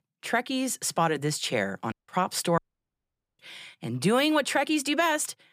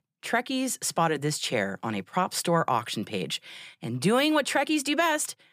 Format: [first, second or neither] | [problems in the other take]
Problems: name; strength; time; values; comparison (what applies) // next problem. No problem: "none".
second | audio cutting out; at 2 s and at 2.5 s for 1 s